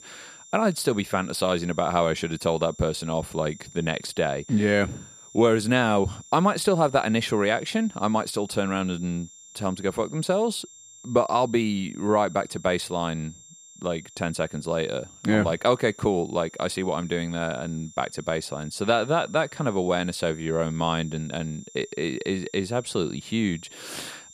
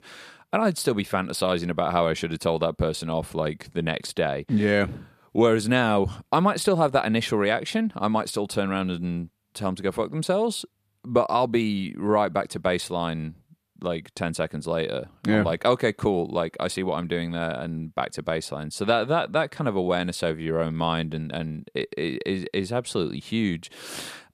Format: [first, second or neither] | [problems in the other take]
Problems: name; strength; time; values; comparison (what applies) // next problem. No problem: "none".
second | high-pitched whine; noticeable; throughout; 7.5 kHz, 20 dB below the speech